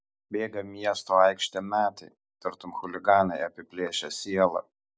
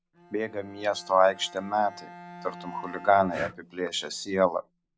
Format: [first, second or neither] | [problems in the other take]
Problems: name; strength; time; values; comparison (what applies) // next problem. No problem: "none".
first | background sound (Breathing + Bowed string instrument); 17 dB below the speech